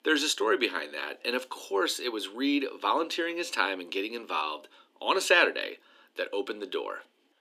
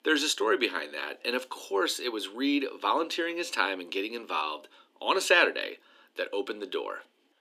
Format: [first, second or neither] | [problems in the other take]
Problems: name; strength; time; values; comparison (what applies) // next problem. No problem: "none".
neither | thin; somewhat; fading below 300 Hz; the same in both